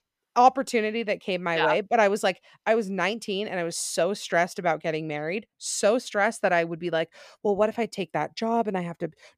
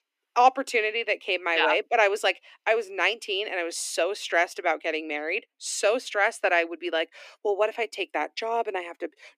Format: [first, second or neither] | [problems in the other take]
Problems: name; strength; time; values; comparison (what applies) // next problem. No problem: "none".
first | thin; somewhat; fading below 250 Hz